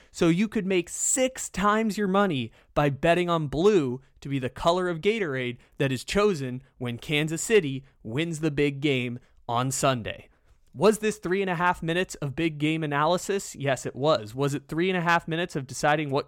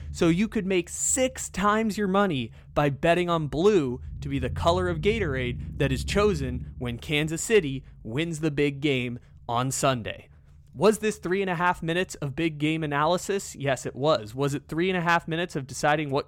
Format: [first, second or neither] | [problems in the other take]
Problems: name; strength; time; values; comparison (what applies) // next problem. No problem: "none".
first | low rumble; faint; throughout; 25 dB below the speech